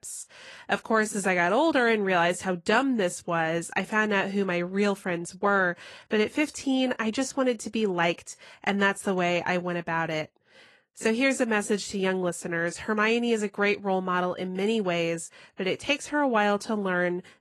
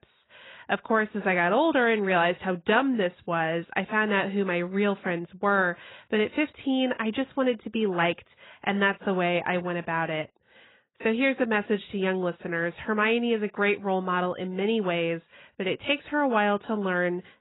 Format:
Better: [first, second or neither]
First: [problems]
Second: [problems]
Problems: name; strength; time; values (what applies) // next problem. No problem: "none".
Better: first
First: garbled, watery; slightly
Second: garbled, watery; badly; nothing above 3 kHz